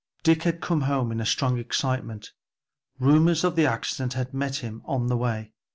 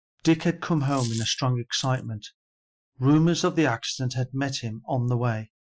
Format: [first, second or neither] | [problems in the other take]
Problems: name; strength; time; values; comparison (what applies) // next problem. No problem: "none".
first | noise reduction (classical method Wiener filter)